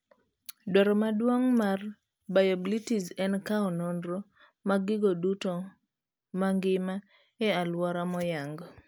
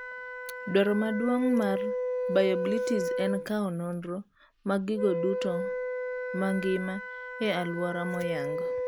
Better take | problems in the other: first | background sound (Wind instrument, woodwind instrument); 3 dB below the speech

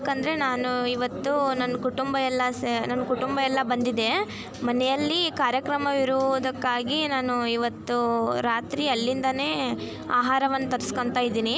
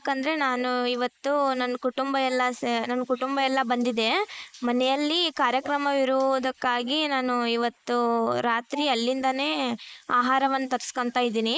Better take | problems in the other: first | noise reduction (neural mask model Resemble Enhance denoiser)

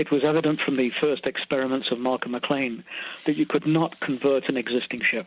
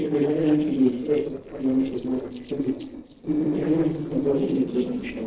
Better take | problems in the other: first | noise reduction (neural separator model SepFormer DNS4)

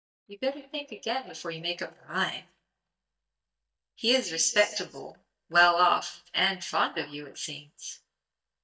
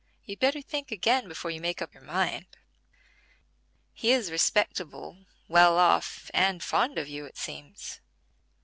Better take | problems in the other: second | noise reduction (neural mask model DeepFilterNet 3)

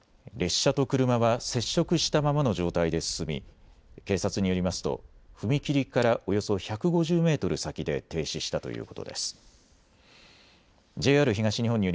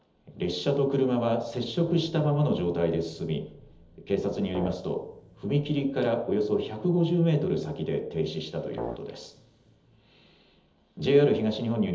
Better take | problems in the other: first | background sound (Brass instrument); 12 dB below the speech // room echo; dies away in 1.2 s

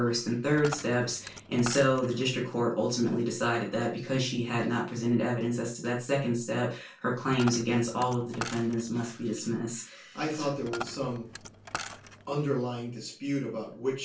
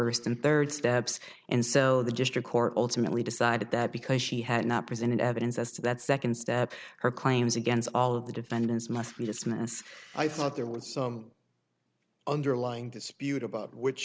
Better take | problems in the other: second | background sound (Coin (dropping)); 13 dB below the speech // room echo; dies away in 0.2 s

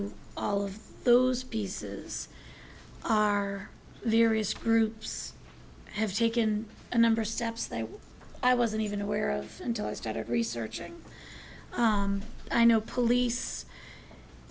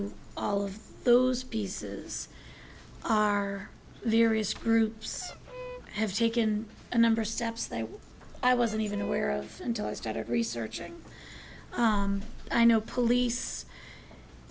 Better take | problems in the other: first | background sound (Fowl); 17 dB below the speech

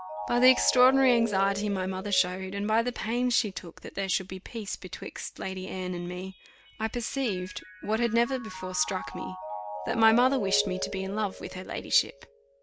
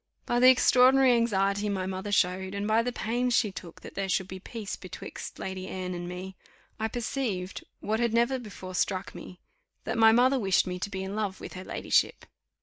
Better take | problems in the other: second | background sound (Mallet percussion); 12 dB below the speech

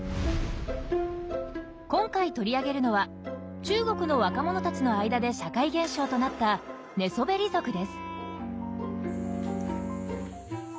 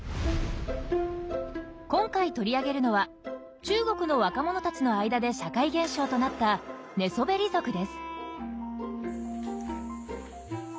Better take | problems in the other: second | background sound (Bowed string instrument); 10 dB below the speech

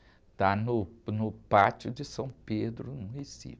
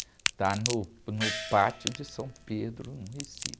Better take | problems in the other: first | background sound (Crack + Gong); 5 dB below the speech

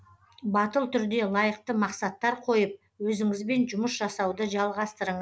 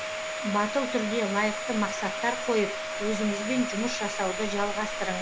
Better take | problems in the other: first | background sound (Domestic sounds, home sounds); 3 dB below the speech

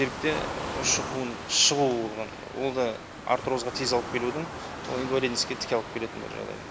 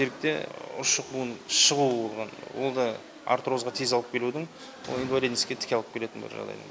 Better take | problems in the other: second | background sound (Waves, surf); 9 dB below the speech

